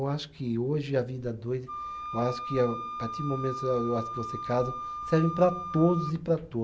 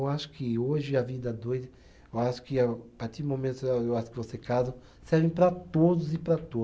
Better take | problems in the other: second | background sound (Wind instrument, woodwind instrument); 9 dB below the speech

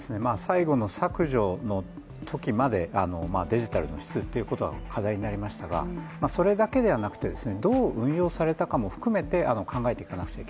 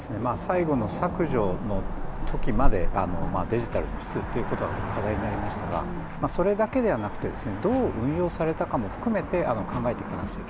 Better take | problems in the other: first | background sound (Cricket / Motor vehicle (road)); 1 dB below the speech

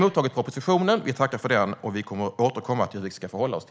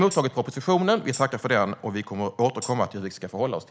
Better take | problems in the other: first | background sound (Tambourine); 18 dB below the speech

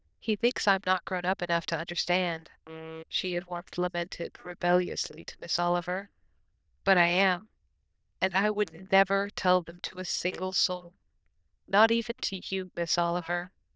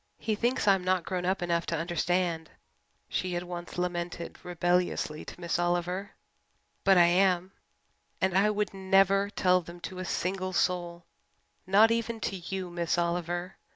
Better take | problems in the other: second | noise reduction (neural diffusion model UNIVERSE++)

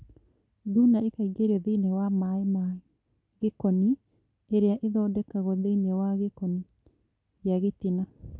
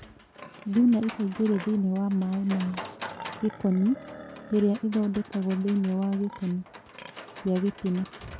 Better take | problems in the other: first | background sound (Livestock, farm animals, working animals); 16 dB below the speech

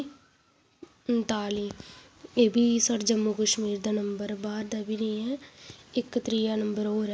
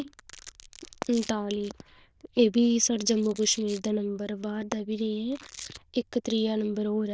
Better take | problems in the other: first | noise reduction (neural diffusion model UNIVERSE++)

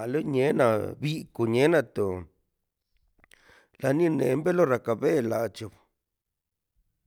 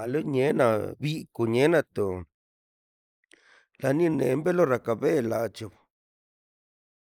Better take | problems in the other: first | noise reduction (neural mask model Resemble Enhance denoiser)

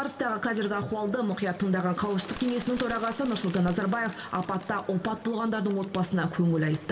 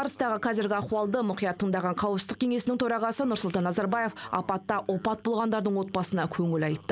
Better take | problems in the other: second | background sound (Bird); 19 dB below the speech // room echo; dies away in 1 s

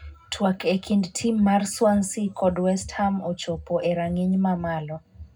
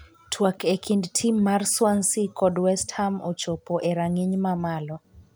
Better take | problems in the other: second | room echo; dies away in 0.3 s

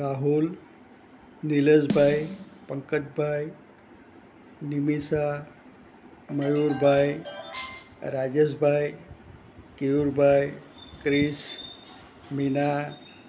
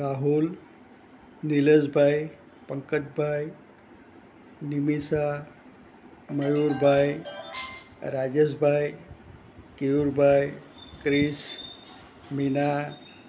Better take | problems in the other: second | background sound (Snare drum); 10 dB below the speech

